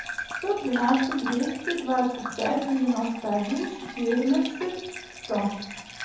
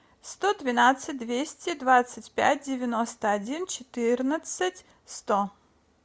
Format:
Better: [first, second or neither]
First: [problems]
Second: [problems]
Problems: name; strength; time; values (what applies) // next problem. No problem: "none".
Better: second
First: background sound (Bathtub (filling or washing) / Gurgling); 10 dB below the speech // room echo; dies away in 0.9 s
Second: none